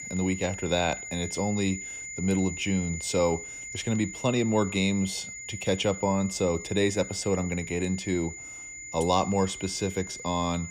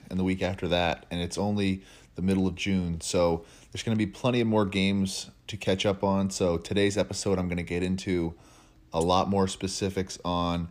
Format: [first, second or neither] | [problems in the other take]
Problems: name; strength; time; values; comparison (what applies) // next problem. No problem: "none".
second | high-pitched whine; loud; throughout; 7 kHz, 9 dB below the speech